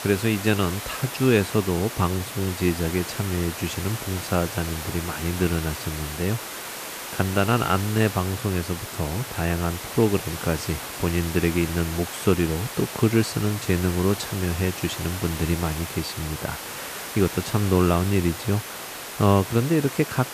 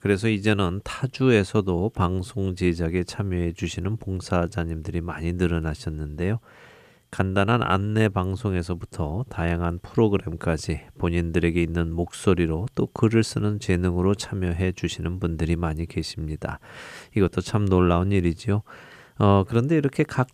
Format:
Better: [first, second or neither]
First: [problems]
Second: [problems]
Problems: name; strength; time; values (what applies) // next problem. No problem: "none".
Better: second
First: hiss; loud; throughout; 8 dB below the speech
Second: none